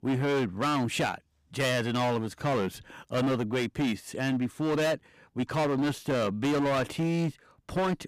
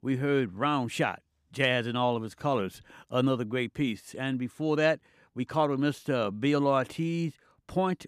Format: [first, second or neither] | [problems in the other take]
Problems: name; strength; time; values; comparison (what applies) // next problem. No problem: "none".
second | distortion; heavy; 20% of the sound clipped